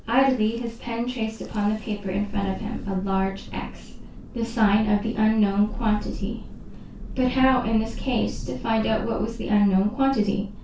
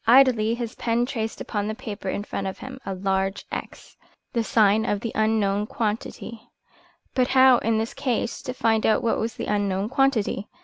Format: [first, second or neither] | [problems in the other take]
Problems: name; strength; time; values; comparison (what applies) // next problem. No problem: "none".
second | background sound (Thunder); 10 dB below the speech // room echo; dies away in 0.2 s